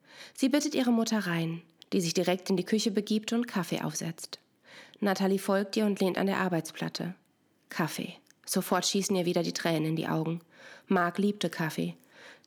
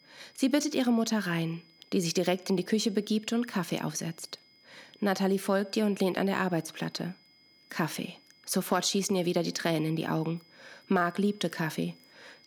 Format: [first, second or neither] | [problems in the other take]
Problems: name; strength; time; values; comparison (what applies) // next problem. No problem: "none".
first | high-pitched whine; faint; throughout; 5 kHz, 30 dB below the speech